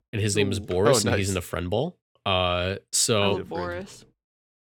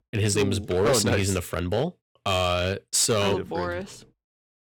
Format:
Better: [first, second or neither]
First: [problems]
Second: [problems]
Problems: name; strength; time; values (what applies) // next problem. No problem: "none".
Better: first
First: none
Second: distortion; slight; 5% of the sound clipped